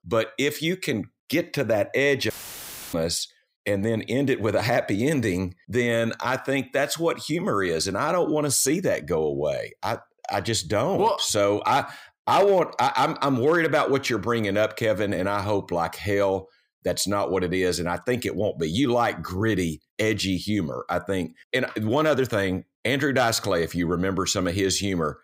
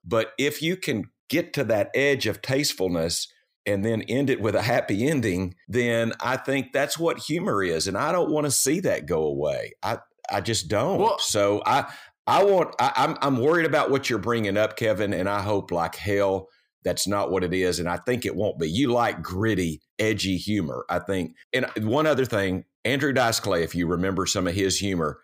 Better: second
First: audio cutting out; filled with static; at 2.5 s for 0.5 s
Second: none

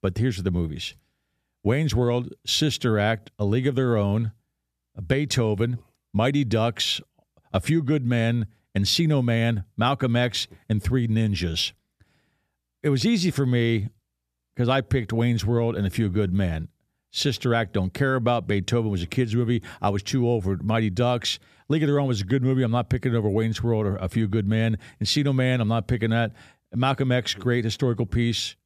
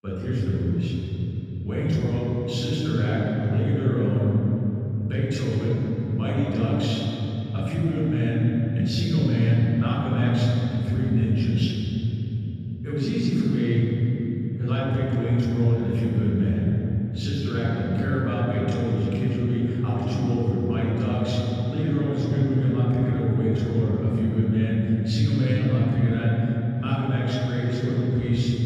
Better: first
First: none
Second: room echo; strong; dies away in 3 s // off-mic speech; far

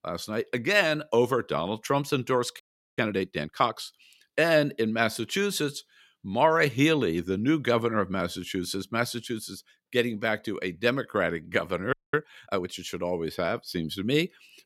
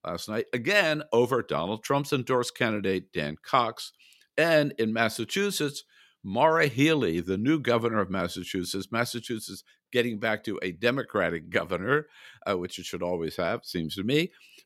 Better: second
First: audio freezing; at 2.5 s and at 12 s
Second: none

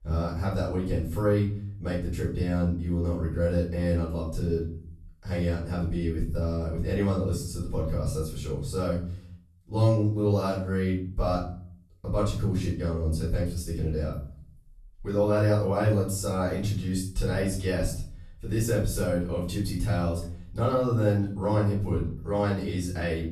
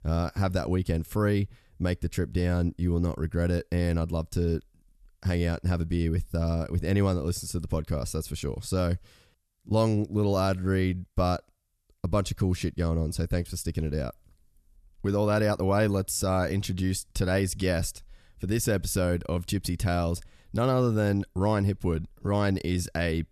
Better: second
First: off-mic speech; far // room echo; noticeable; dies away in 0.5 s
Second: none

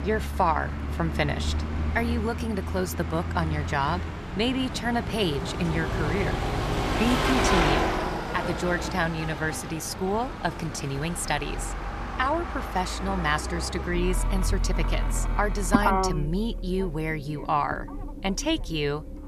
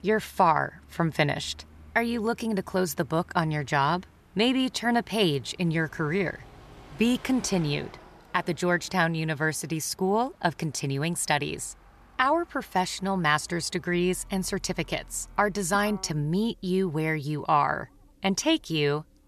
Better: second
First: traffic noise; loud; throughout; 1 dB below the speech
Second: traffic noise; faint; throughout; 25 dB below the speech

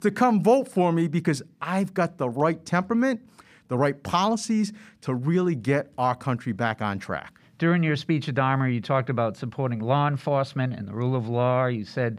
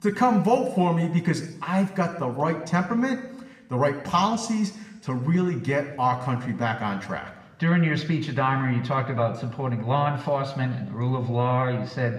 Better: first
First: none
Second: room echo; slight; dies away in 0.9 s // off-mic speech; somewhat distant

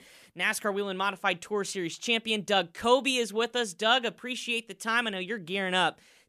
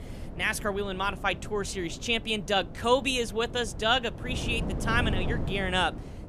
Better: first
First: none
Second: wind noise on the microphone; occasional gusts; 15 dB below the speech

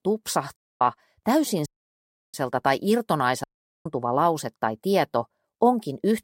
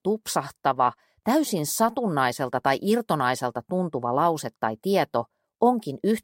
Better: second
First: audio cutting out; at 0.5 s, at 1.5 s for 0.5 s and at 3.5 s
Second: none

